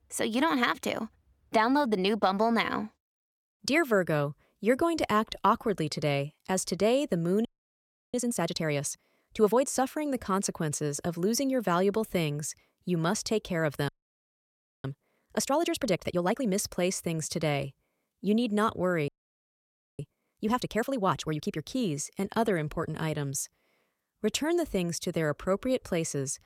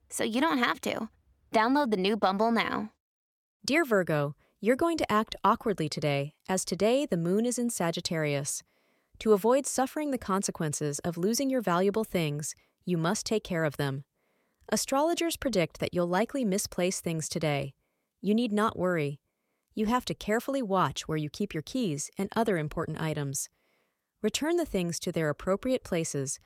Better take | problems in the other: second | audio freezing; at 7.5 s for 0.5 s, at 14 s for 1 s and at 19 s for 1 s

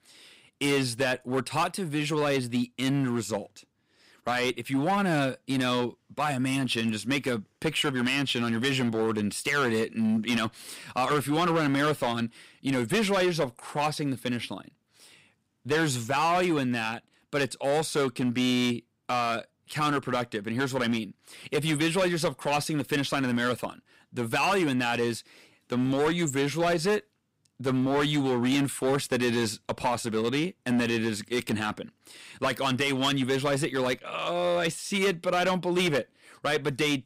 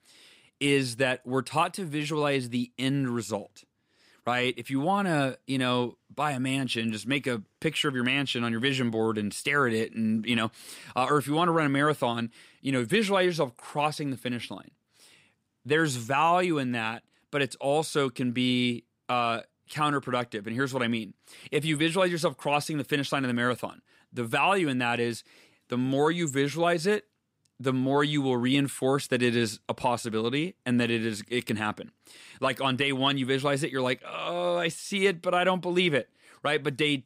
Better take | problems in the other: second | distortion; slight; 9% of the sound clipped

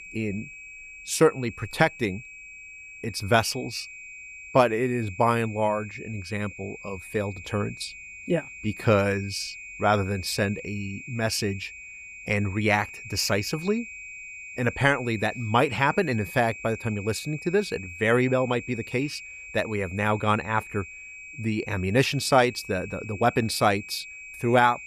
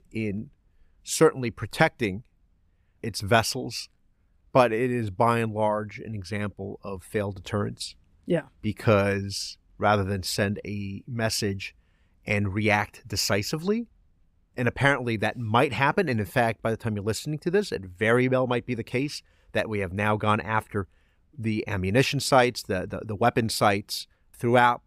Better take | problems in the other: second | high-pitched whine; noticeable; throughout; 2.5 kHz, 15 dB below the speech

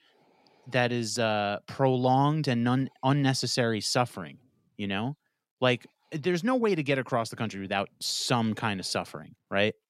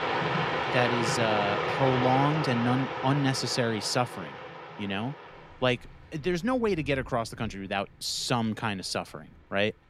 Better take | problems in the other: first | rain or running water; loud; throughout; 2 dB below the speech

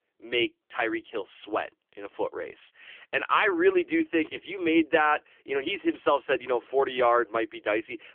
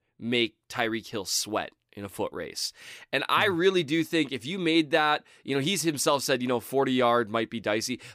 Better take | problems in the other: second | phone-call audio; poor line; nothing above 3.5 kHz

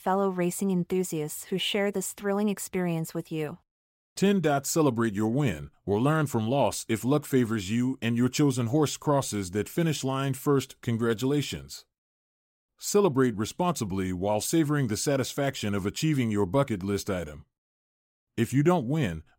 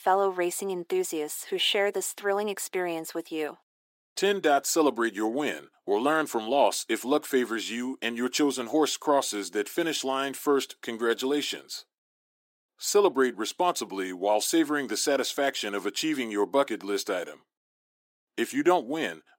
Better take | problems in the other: first | thin; somewhat; fading below 300 Hz

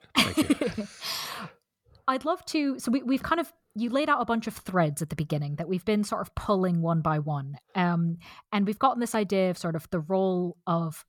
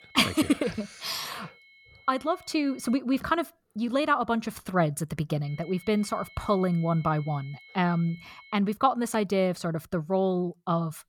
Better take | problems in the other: first | high-pitched whine; faint; until 3 s and from 5.5 to 8.5 s; 2 kHz, 25 dB below the speech

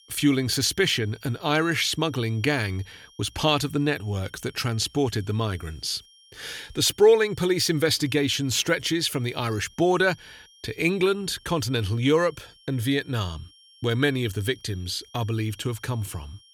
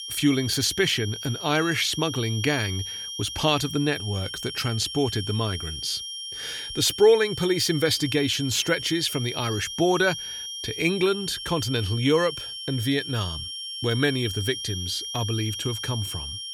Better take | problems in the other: first | high-pitched whine; loud; throughout; 3 kHz, 7 dB below the speech; faint in the first

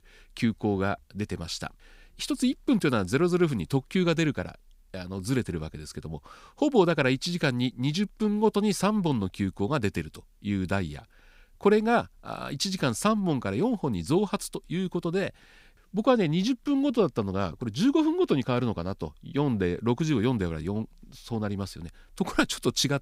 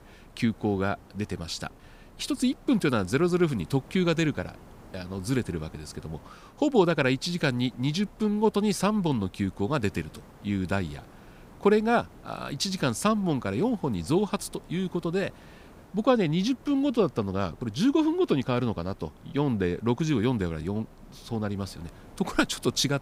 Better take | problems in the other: first | hiss; faint; throughout; 25 dB below the speech

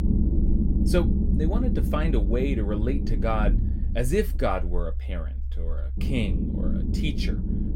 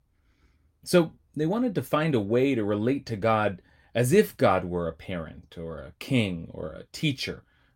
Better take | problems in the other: second | low rumble; loud; throughout; 6 dB below the speech

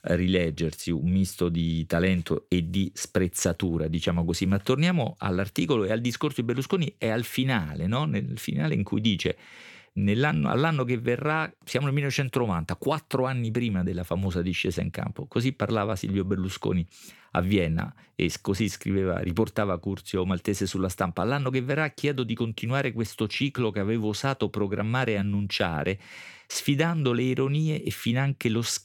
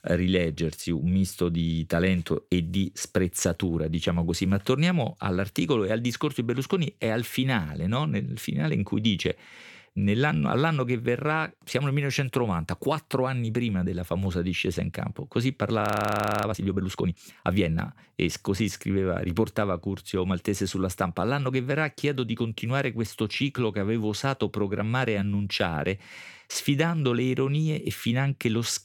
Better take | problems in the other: first | audio freezing; at 16 s for 0.5 s

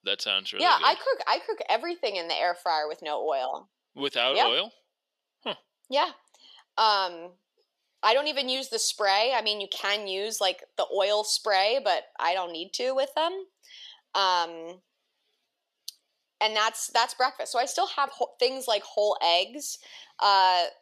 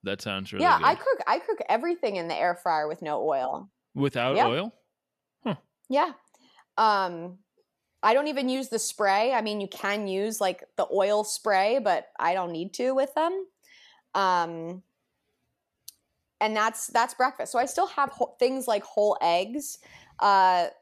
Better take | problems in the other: second | thin; somewhat; fading below 450 Hz

